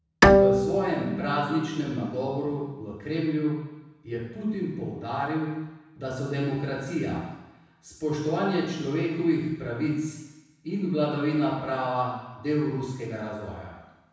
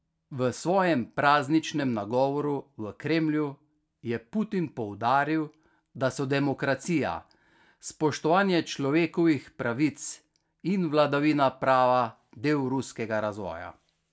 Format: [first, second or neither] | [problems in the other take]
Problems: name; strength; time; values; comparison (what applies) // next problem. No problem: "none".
second | background sound (Bowed string instrument); 4 dB above the speech // room echo; dies away in 1.1 s